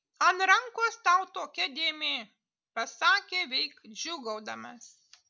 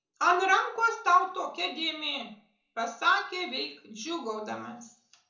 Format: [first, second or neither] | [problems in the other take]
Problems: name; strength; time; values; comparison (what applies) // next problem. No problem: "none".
first | room echo; dies away in 0.6 s